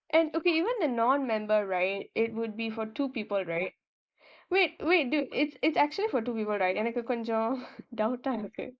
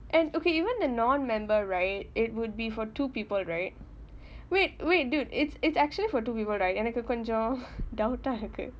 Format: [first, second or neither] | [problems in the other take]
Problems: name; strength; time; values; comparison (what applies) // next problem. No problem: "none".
second | noise reduction (neural mask model Resemble Enhance denoiser)